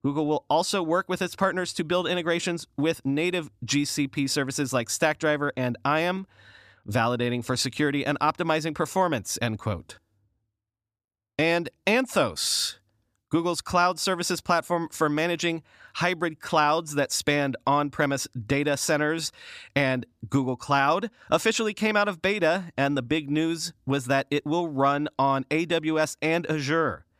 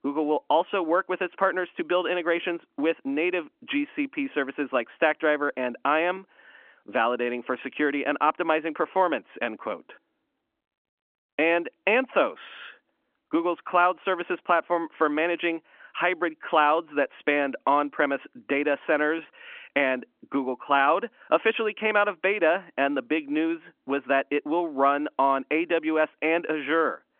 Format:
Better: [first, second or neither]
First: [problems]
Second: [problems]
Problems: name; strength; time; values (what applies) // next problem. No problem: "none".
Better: first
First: none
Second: phone-call audio